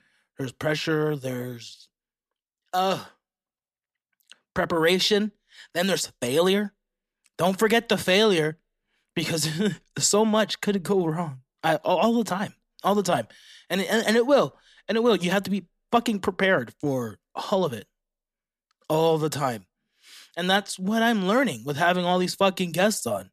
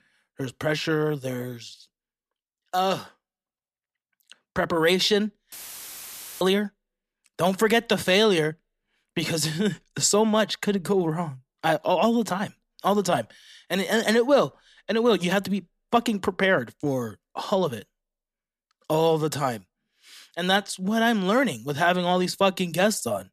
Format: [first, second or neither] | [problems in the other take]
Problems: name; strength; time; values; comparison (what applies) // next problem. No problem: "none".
first | audio cutting out; filled with static; at 5.5 s for 1 s